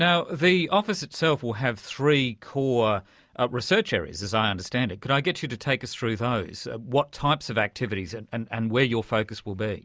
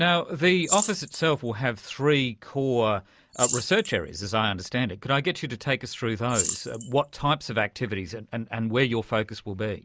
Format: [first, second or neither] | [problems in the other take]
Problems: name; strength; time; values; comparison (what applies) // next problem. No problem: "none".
first | background sound (Rattle / Keys jangling); 8 dB below the speech